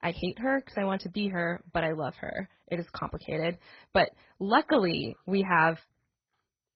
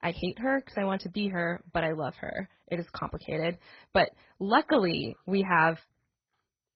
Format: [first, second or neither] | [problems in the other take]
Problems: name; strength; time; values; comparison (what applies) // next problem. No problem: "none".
neither | garbled, watery; badly; the same in both